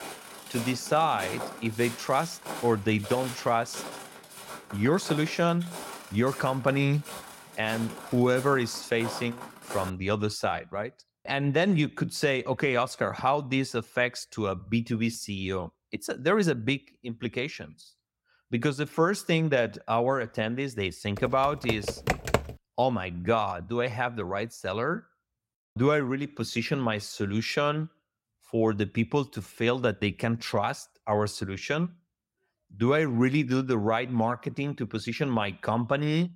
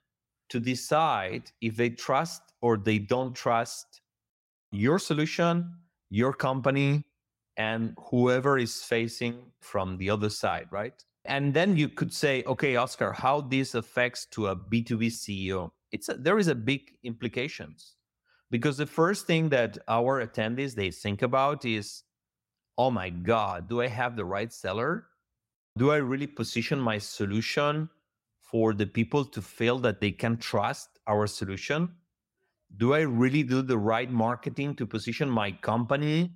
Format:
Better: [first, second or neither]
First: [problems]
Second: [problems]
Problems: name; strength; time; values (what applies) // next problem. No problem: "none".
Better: second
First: footsteps; noticeable; until 10 s; peak 8 dB below the speech // keyboard typing; loud; from 21 to 23 s; peak 1 dB above the speech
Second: none